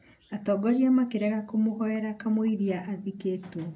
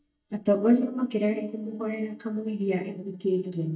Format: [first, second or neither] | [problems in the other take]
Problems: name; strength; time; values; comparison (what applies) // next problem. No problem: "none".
first | noise reduction (neural mask model DeepFilterNet 3)